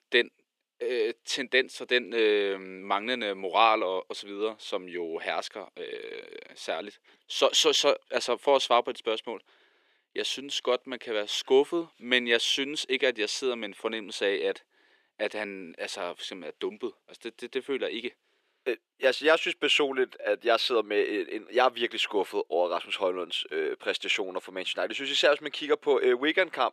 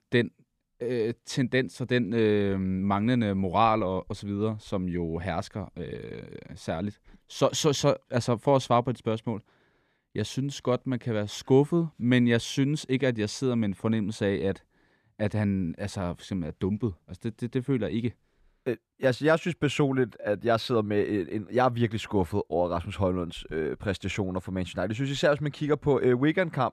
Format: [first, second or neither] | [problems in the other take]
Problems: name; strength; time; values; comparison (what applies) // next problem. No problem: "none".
second | thin; very; fading below 350 Hz